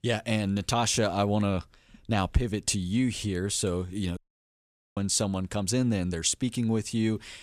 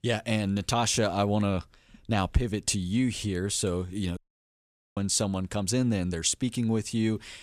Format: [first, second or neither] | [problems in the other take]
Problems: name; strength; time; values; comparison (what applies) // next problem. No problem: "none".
neither | audio cutting out; at 4 s for 1 s; the same in both